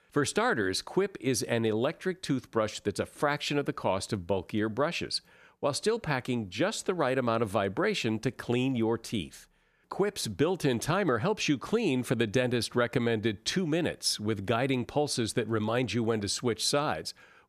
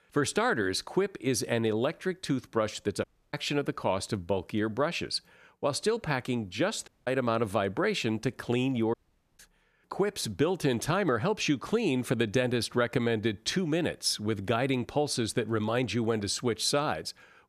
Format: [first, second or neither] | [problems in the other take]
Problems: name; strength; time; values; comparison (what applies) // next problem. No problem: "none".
first | audio cutting out; at 3 s, at 7 s and at 9 s